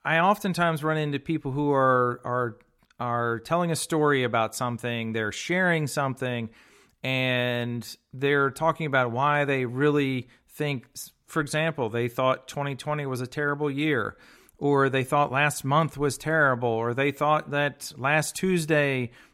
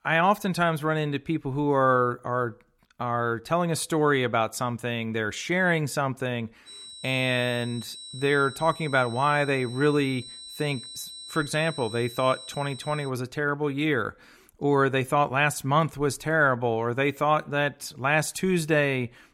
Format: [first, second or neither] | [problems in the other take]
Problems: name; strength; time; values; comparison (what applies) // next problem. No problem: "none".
first | high-pitched whine; noticeable; from 6.5 to 13 s; 4 kHz, 15 dB below the speech